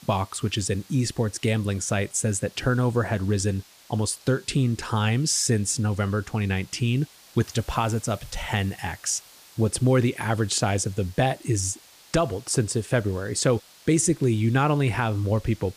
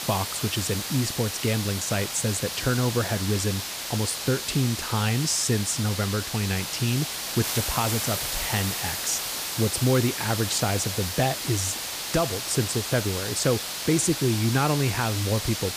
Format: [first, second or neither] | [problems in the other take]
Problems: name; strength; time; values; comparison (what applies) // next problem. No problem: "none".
first | hiss; loud; throughout; 3 dB below the speech; faint in the first